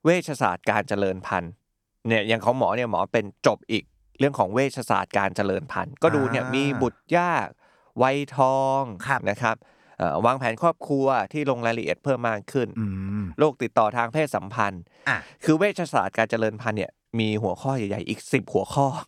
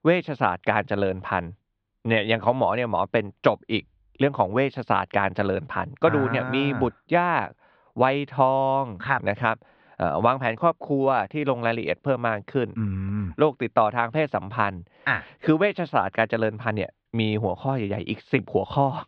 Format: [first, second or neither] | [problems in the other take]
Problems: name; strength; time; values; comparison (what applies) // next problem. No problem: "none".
first | muffled; slightly; fading above 3.5 kHz